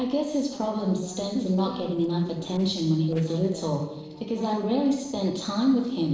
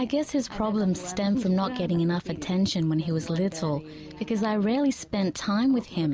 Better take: second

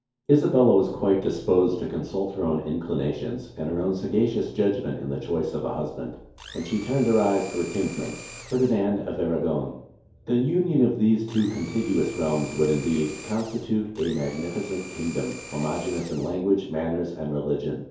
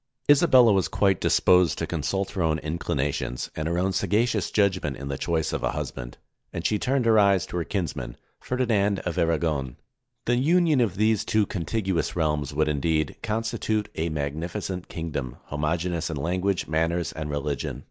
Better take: second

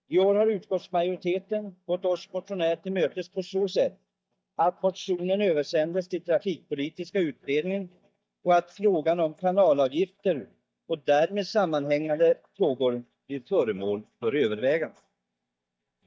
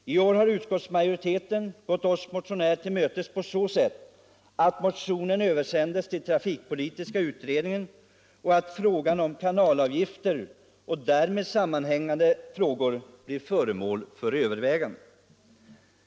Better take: second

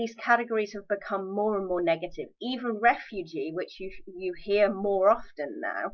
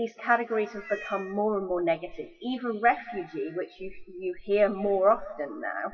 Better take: first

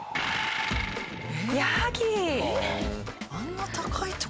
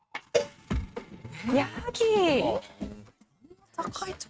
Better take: first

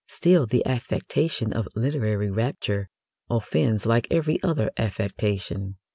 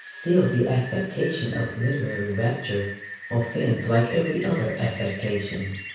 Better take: first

